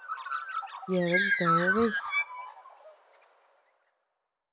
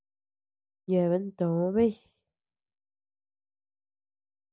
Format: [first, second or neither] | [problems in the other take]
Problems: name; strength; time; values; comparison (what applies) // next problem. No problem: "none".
second | background sound (Bird); 2 dB above the speech